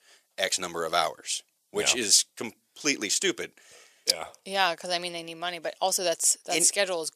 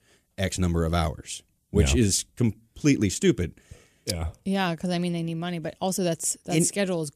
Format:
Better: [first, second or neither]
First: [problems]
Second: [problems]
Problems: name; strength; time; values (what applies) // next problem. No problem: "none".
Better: second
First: thin; very; fading below 700 Hz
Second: none